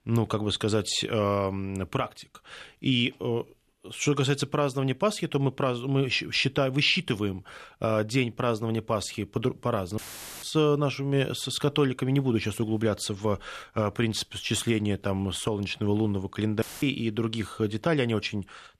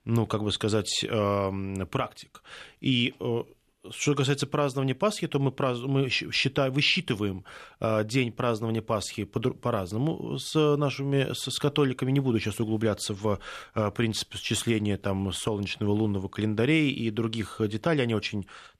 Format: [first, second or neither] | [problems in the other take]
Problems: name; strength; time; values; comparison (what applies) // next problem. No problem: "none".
second | audio cutting out; filled with static; at 10 s and at 17 s